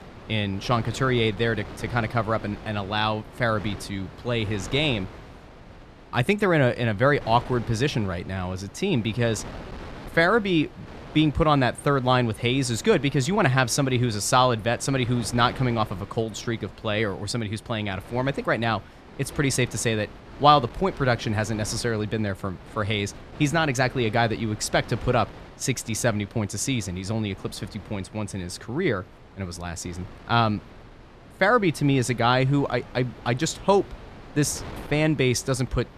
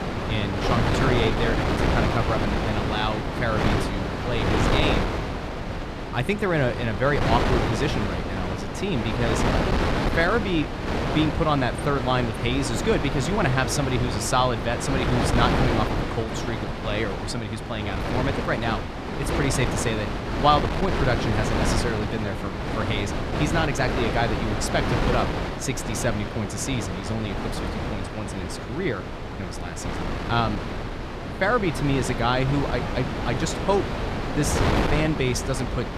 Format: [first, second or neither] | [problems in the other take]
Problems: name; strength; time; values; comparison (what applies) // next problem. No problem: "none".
first | wind noise on the microphone; heavy; 2 dB below the speech; occasional gusts in the first